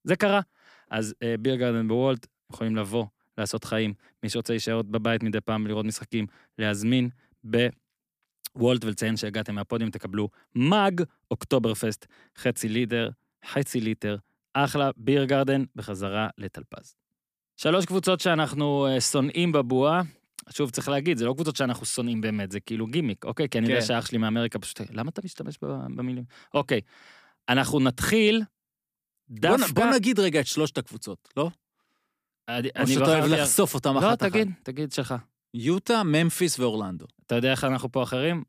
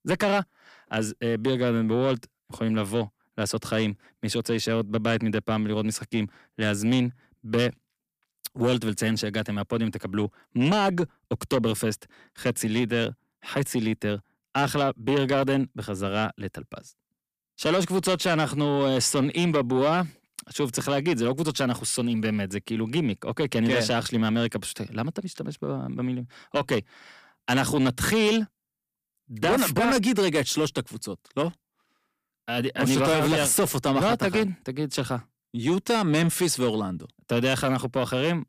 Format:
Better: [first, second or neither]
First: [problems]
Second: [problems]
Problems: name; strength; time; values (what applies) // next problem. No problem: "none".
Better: first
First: none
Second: distortion; slight; 10 dB below the speech